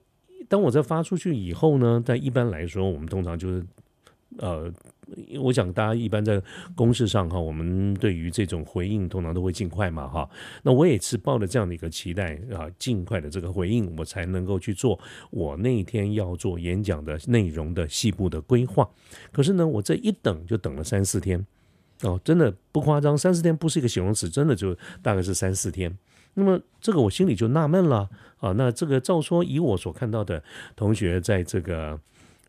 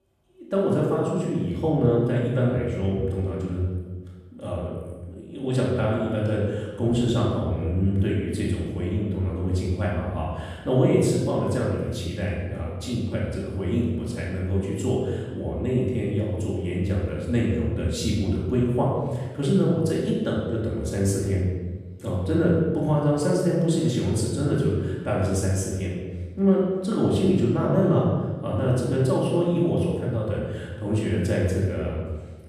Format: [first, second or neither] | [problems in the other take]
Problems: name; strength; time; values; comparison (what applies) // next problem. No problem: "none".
first | off-mic speech; far // room echo; noticeable; dies away in 1.3 s